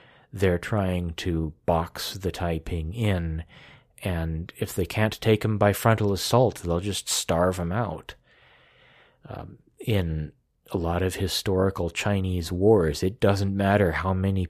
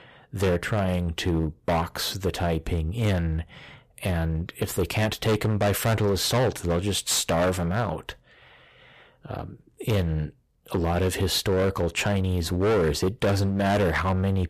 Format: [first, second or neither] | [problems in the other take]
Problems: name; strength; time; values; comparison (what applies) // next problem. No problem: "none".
first | distortion; heavy; 14% of the sound clipped